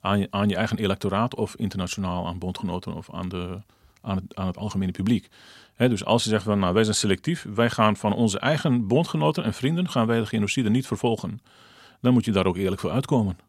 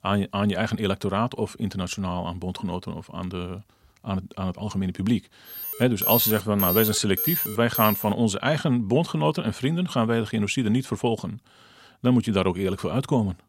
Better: first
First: none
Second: alarm; loud; from 5.5 to 8 s; peak 4 dB above the speech

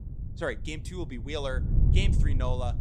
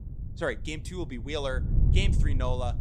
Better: second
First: wind noise on the microphone; heavy; 8 dB below the speech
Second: wind noise on the microphone; occasional gusts; 10 dB below the speech

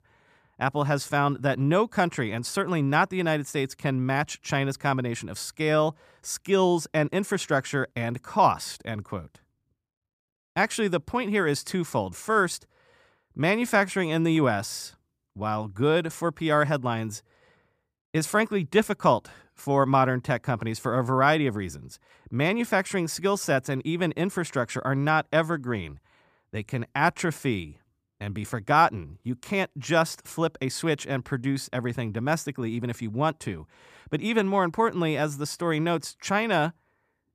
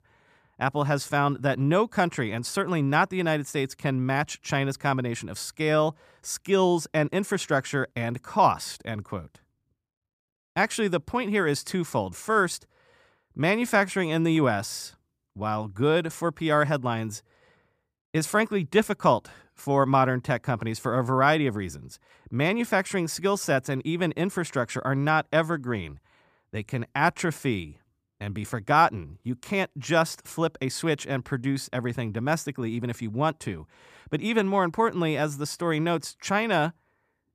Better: neither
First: none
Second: none

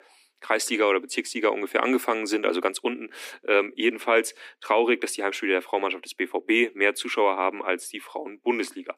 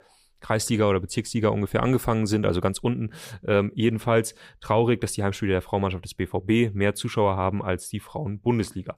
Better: second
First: thin; somewhat; fading below 250 Hz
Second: none

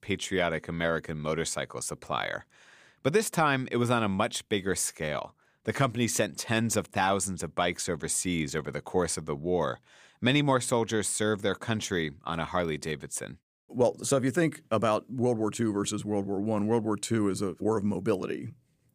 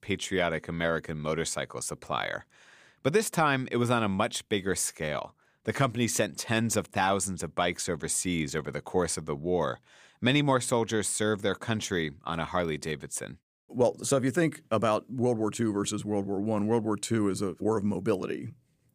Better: neither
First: none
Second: none

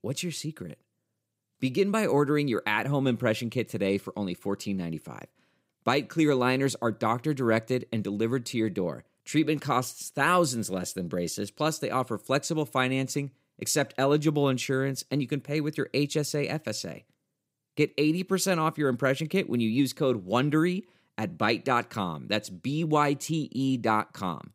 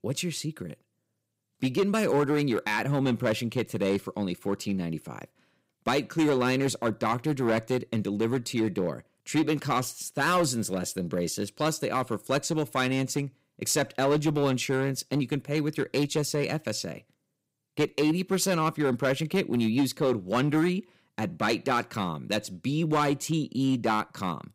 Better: first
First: none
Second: distortion; slight; 5% of the sound clipped

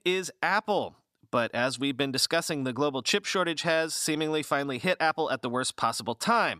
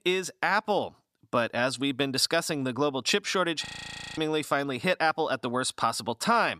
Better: first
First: none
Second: audio freezing; at 3.5 s for 0.5 s

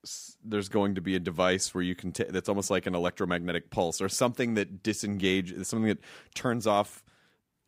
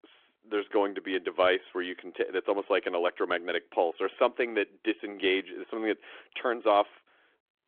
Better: first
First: none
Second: phone-call audio; nothing above 3.5 kHz

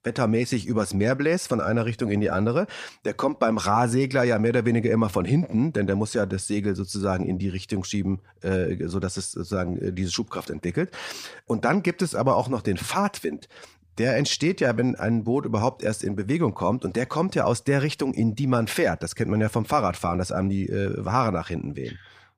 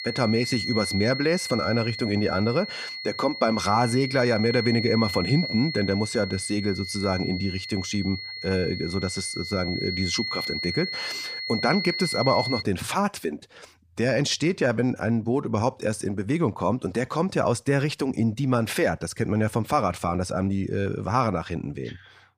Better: first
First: none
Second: high-pitched whine; loud; until 13 s; 4.5 kHz, 5 dB below the speech

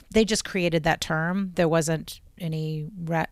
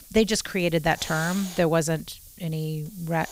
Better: first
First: none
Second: hiss; noticeable; throughout; 15 dB below the speech

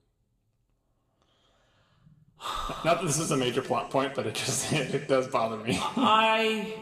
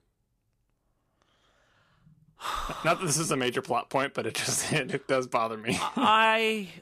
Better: second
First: room echo; slight; dies away in 1.1 s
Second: none

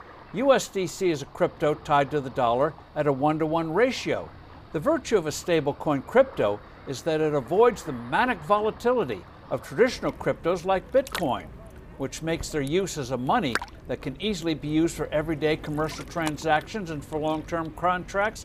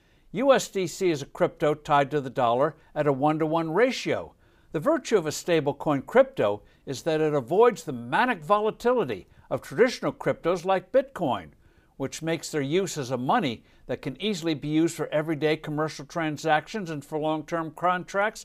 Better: second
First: rain or running water; noticeable; throughout; 15 dB below the speech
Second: none

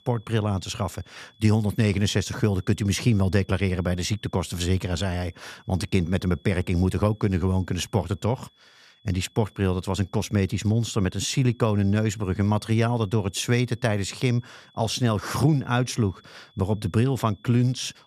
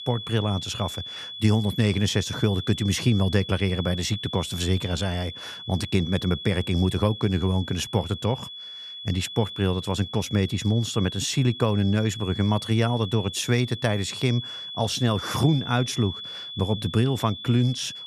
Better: first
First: high-pitched whine; faint; throughout; 3.5 kHz, 35 dB below the speech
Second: high-pitched whine; loud; throughout; 3.5 kHz, 10 dB below the speech

